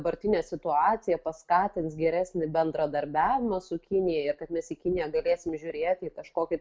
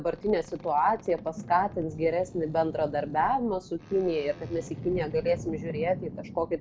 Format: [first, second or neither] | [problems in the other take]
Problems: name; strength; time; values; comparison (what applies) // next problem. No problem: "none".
first | background sound (Boat, Water vehicle); 12 dB below the speech